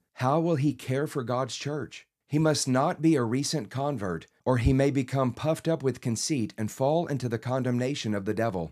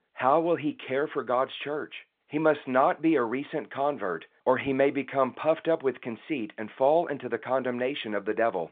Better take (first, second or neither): first